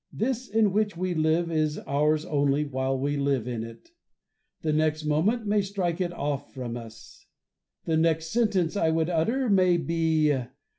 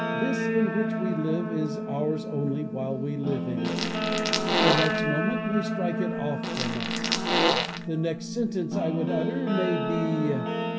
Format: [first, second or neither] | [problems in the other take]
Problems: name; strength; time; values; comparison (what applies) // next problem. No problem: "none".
first | background sound (Fart + Guitar); 3 dB above the speech